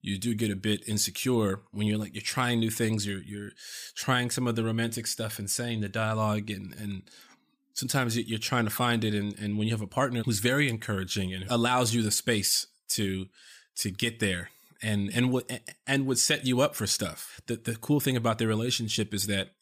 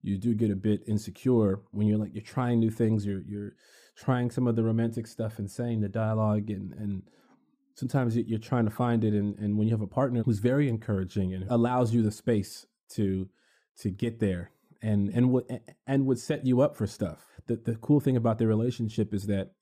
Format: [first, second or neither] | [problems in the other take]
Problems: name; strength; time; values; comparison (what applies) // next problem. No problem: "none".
first | muffled; very; fading above 1.5 kHz